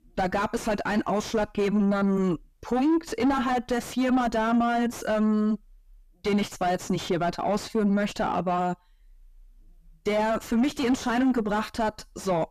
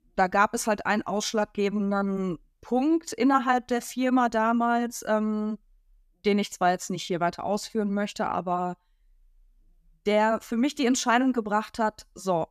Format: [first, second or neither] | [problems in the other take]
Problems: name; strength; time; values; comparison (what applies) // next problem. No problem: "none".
second | distortion; heavy; 5 dB below the speech